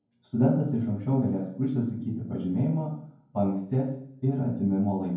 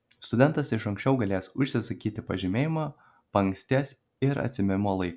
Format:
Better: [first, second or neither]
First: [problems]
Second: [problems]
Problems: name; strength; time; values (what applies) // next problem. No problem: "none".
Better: second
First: room echo; dies away in 0.9 s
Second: none